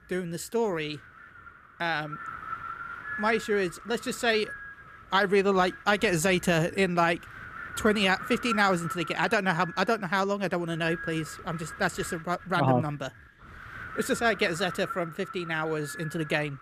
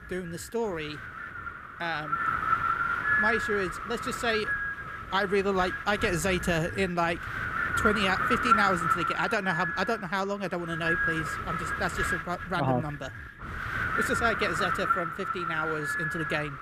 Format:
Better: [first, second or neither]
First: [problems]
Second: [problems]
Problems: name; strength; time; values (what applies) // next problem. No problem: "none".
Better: first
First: wind noise on the microphone; occasional gusts; 10 dB below the speech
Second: wind noise on the microphone; heavy; 3 dB above the speech